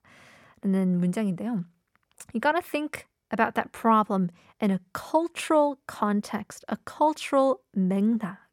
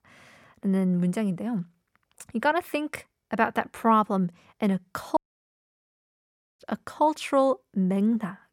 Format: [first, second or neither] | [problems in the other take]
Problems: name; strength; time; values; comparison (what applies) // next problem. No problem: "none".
first | audio cutting out; at 5 s for 1.5 s